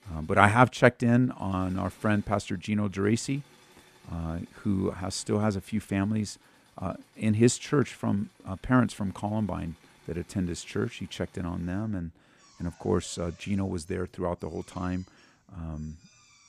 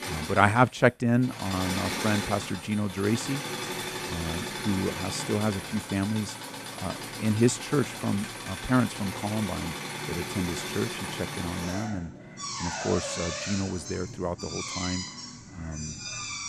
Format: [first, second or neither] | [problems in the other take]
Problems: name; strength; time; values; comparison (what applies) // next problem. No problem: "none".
first | machinery noise; loud; throughout; 5 dB below the speech; faint in the first